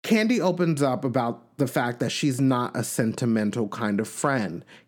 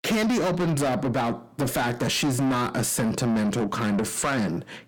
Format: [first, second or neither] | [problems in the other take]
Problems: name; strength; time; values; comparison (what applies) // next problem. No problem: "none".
first | distortion; heavy; 6 dB below the speech